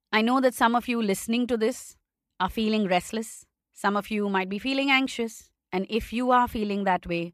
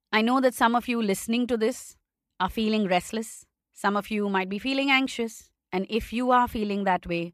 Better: neither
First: none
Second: none

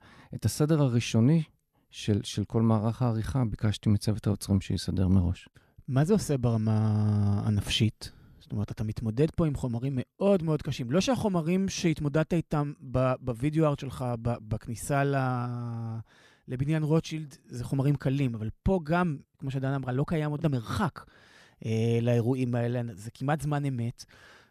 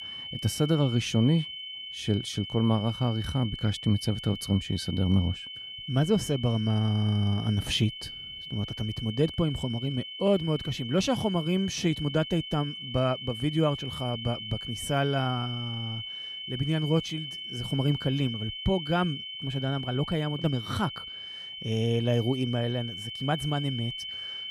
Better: first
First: none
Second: high-pitched whine; loud; throughout; 3 kHz, 8 dB below the speech

